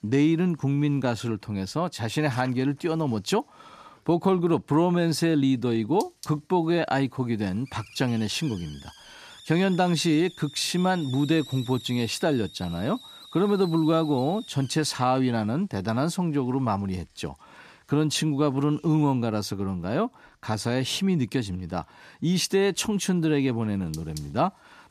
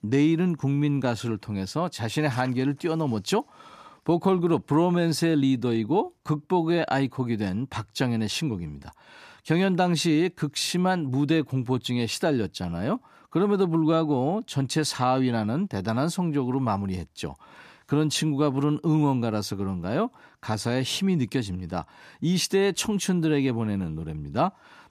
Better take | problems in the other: second | hiss; noticeable; throughout; 20 dB below the speech

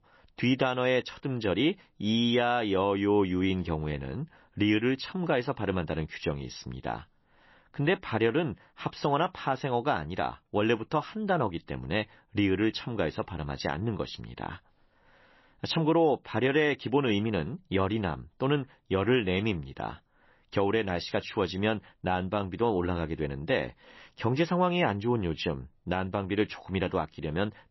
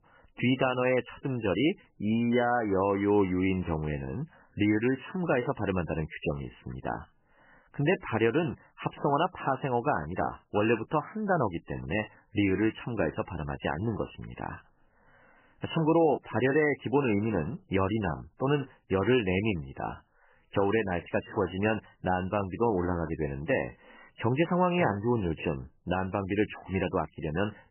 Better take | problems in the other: first | garbled, watery; badly; nothing above 3 kHz; slightly in the first

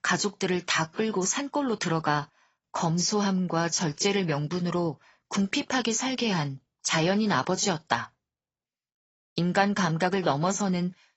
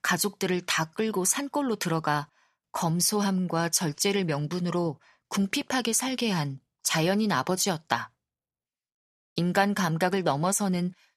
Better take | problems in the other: second | garbled, watery; badly; nothing above 7.5 kHz

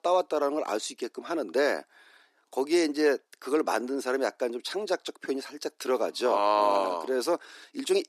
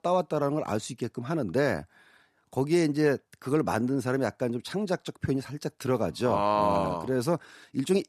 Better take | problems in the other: second | thin; somewhat; fading below 300 Hz

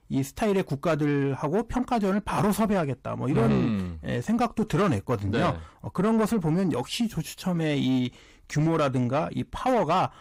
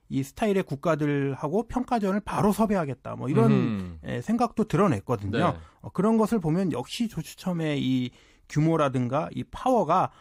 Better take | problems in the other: second | distortion; slight; 10 dB below the speech

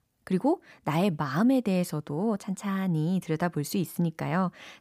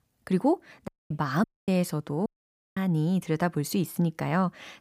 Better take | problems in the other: first | audio cutting out; at 1 s, at 1.5 s and at 2.5 s for 0.5 s

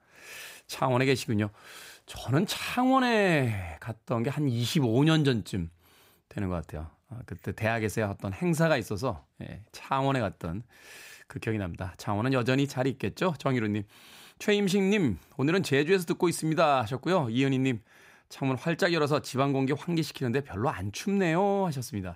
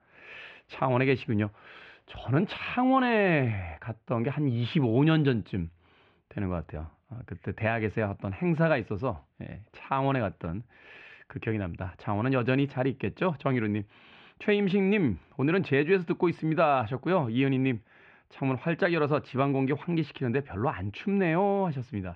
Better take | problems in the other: first | muffled; very; fading above 3 kHz

